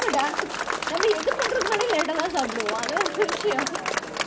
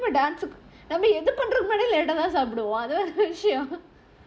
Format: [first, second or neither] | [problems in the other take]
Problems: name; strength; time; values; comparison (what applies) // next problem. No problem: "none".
second | background sound (Applause / Crowd); 1 dB below the speech